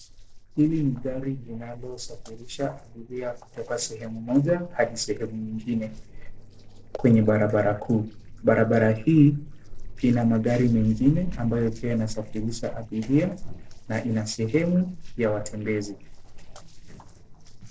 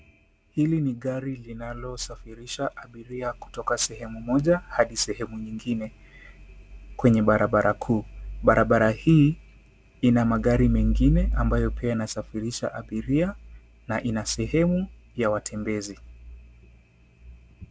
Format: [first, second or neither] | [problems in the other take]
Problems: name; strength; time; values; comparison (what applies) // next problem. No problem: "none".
second | noise reduction (neural separator model SepFormer DNS4)